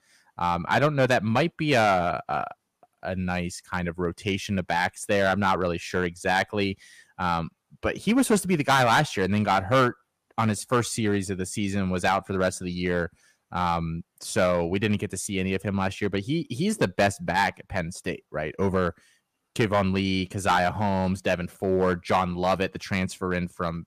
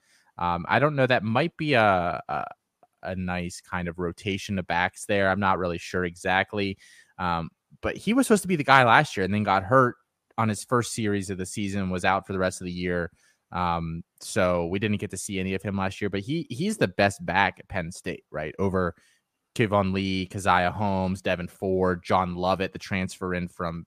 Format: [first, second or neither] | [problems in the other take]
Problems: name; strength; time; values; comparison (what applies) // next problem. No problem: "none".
second | distortion; slight; 3% of the sound clipped